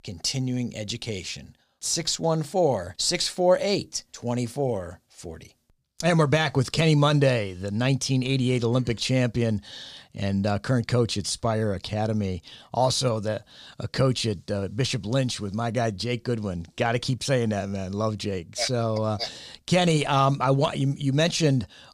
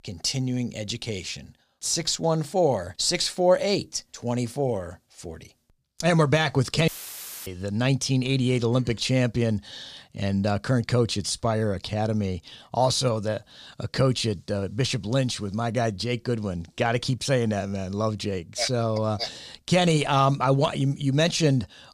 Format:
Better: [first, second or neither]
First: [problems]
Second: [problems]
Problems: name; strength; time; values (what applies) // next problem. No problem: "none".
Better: first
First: none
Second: audio cutting out; filled with static; at 7 s for 0.5 s